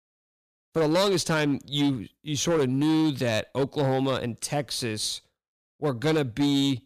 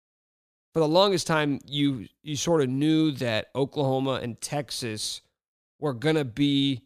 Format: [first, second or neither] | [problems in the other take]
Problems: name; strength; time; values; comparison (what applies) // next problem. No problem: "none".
second | distortion; slight; 9% of the sound clipped